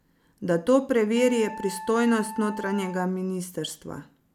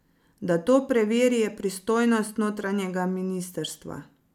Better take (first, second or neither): second